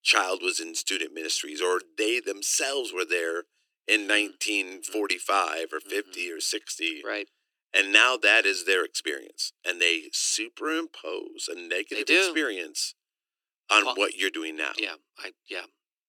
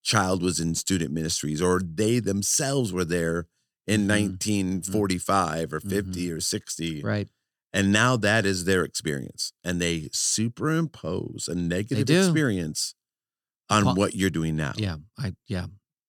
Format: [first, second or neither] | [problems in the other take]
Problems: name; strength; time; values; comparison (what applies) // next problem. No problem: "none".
second | thin; very; fading below 300 Hz